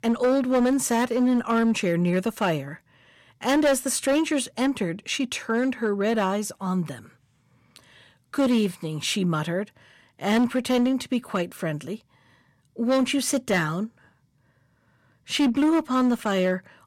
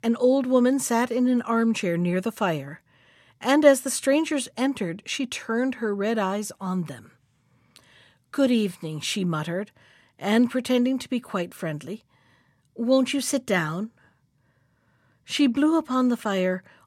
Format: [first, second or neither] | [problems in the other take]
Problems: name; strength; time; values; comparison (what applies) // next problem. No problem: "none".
second | distortion; slight; 7% of the sound clipped